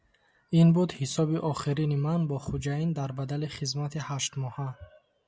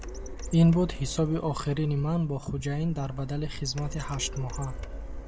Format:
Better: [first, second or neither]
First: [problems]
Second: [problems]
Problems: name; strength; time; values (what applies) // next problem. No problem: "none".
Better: first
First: none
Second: background sound (Printer); 9 dB below the speech